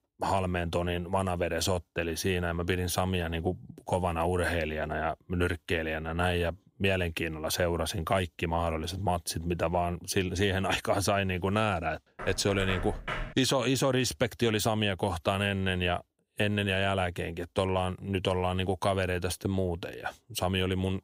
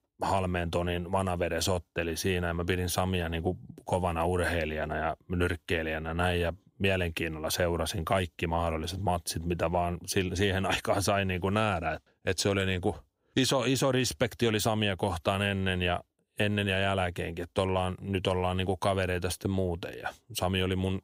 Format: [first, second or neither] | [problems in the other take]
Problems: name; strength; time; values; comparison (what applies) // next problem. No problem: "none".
second | door banging; noticeable; from 12 to 13 s; peak 6 dB below the speech